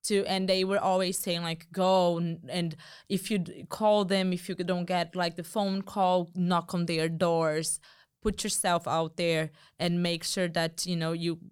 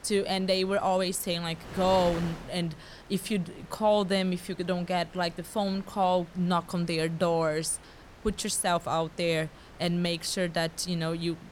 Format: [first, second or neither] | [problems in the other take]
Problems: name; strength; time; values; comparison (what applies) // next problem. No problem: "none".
first | wind noise on the microphone; occasional gusts; 20 dB below the speech